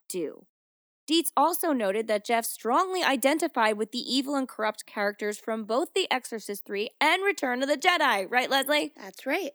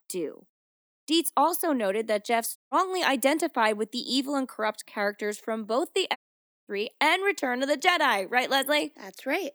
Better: first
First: none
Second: audio cutting out; at 2.5 s and at 6 s for 0.5 s

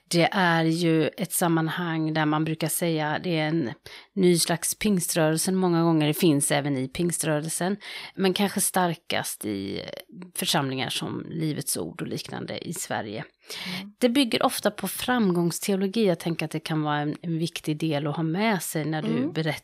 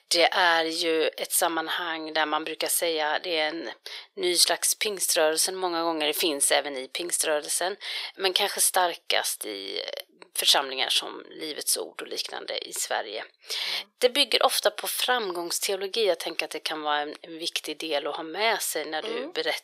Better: first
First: none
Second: thin; very; fading below 450 Hz

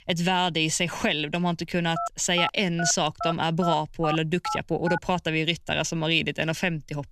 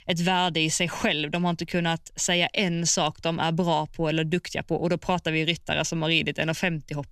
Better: second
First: phone ringing; noticeable; from 2 to 5 s; peak 7 dB below the speech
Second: none

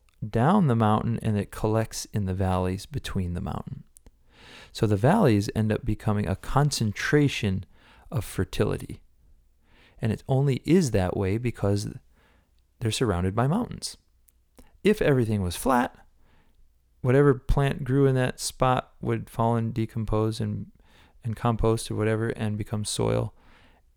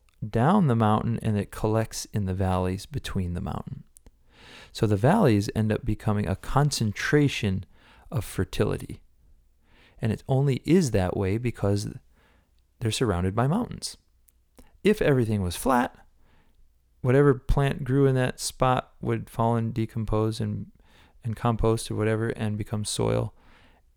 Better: neither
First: none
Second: none

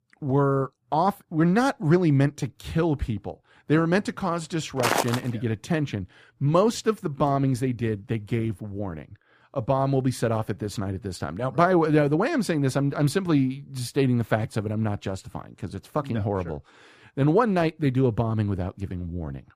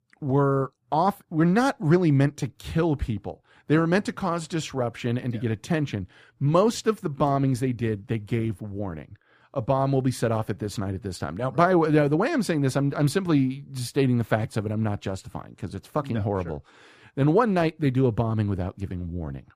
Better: second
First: footsteps; loud; at 5 s; peak 1 dB above the speech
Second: none

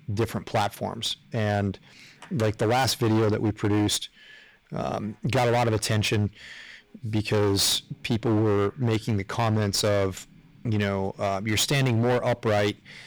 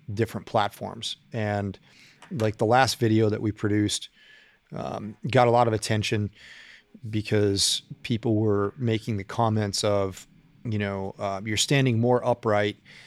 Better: second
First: distortion; heavy; 18% of the sound clipped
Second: none

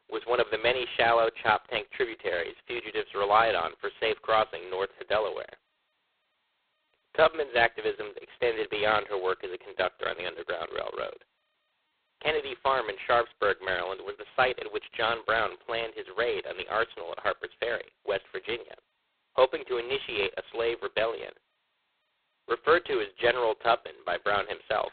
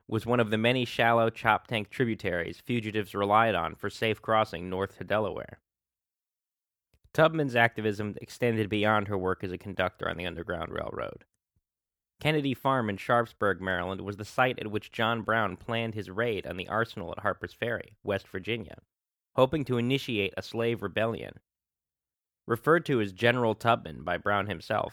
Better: second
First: phone-call audio; poor line; nothing above 4 kHz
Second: none

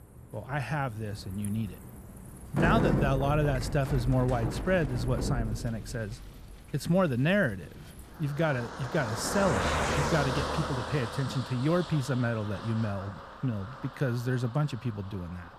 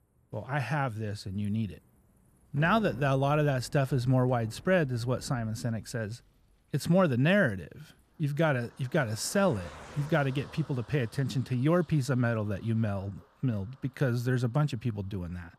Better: second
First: traffic noise; loud; throughout; 3 dB below the speech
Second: traffic noise; faint; throughout; 20 dB below the speech

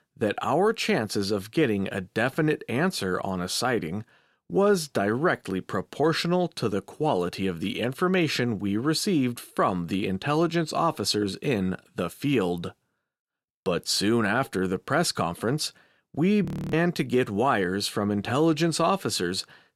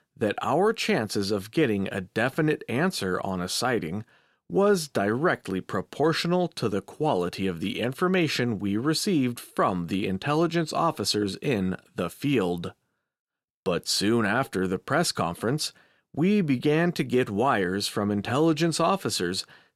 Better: second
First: audio freezing; at 16 s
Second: none

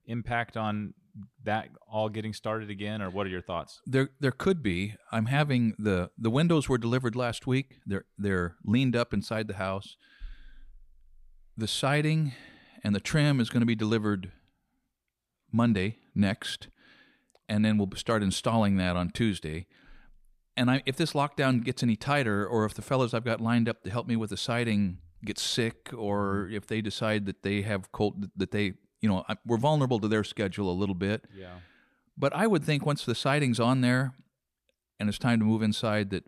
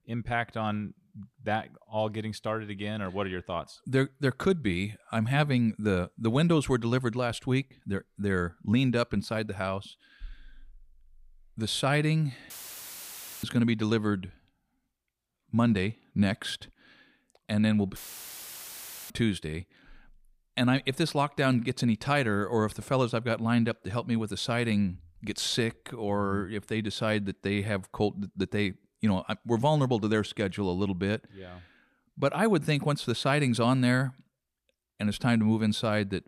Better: first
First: none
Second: audio cutting out; filled with static; at 13 s for 1 s and at 18 s for 1 s

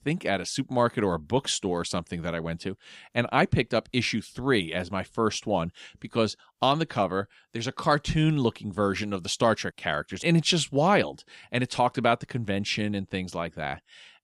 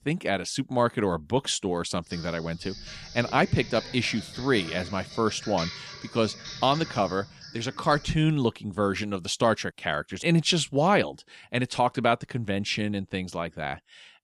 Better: first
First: none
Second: keyboard typing; noticeable; from 2 to 8 s; peak 8 dB below the speech

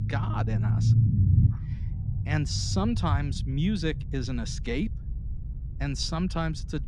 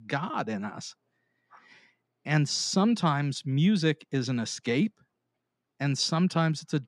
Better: second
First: low rumble; loud; throughout; 7 dB below the speech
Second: none

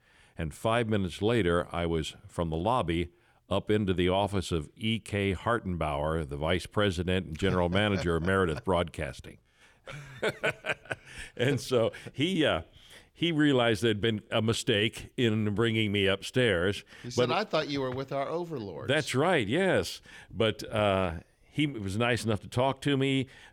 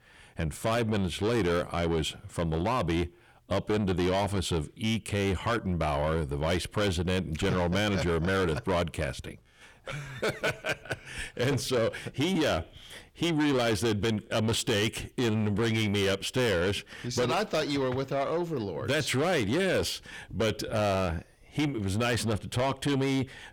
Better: first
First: none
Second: distortion; heavy; 7 dB below the speech

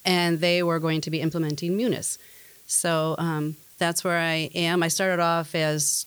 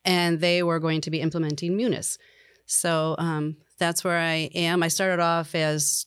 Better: second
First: hiss; faint; throughout; 25 dB below the speech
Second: none

